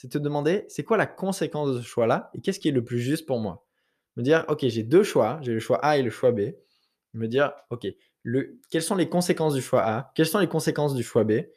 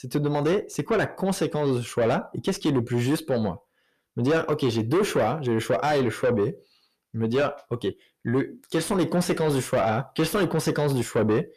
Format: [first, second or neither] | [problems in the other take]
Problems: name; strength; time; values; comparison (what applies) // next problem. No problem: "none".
first | distortion; heavy; 8 dB below the speech